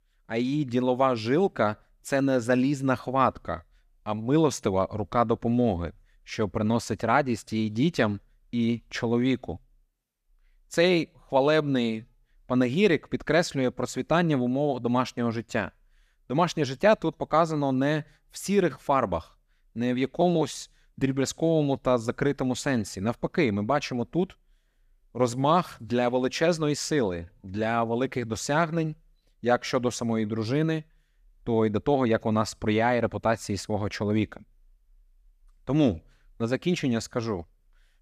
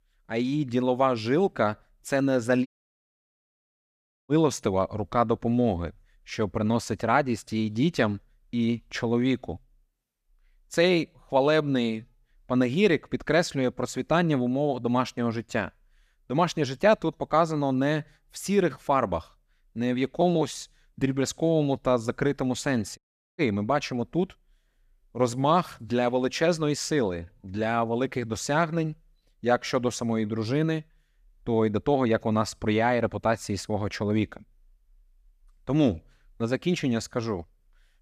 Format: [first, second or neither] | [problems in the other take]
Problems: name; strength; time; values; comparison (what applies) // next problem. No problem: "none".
first | audio cutting out; at 2.5 s for 1.5 s and at 23 s